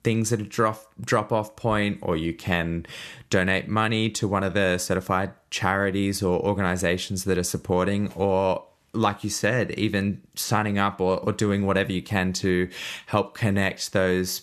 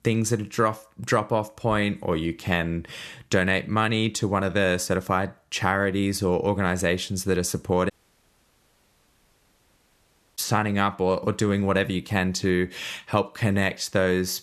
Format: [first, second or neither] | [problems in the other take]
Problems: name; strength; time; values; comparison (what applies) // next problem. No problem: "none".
first | audio cutting out; at 8 s for 2.5 s